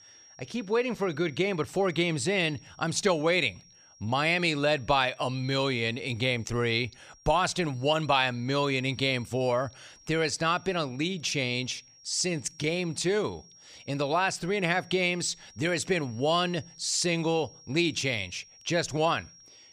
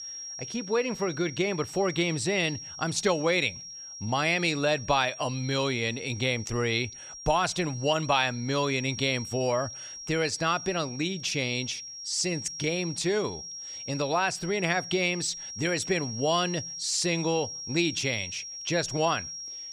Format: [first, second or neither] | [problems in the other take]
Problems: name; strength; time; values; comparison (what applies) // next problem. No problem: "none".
first | high-pitched whine; loud; throughout; 5.5 kHz, 10 dB below the speech; faint in the first